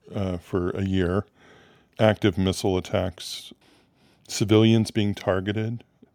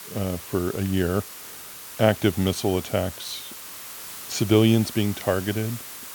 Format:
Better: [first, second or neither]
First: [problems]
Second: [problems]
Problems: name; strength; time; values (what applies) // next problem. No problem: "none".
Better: first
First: none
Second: hiss; noticeable; throughout; 10 dB below the speech